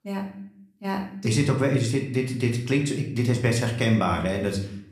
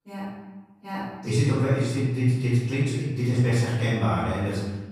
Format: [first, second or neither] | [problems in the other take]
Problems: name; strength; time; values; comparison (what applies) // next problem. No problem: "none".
first | room echo; strong; dies away in 1.1 s; slight in the first // off-mic speech; far; somewhat distant in the first